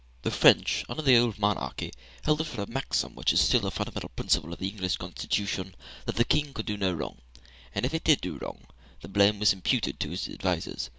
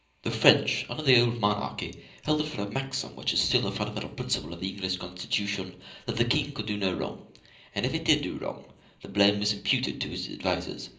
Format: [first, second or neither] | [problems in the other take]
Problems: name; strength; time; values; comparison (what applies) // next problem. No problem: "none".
first | room echo; dies away in 0.5 s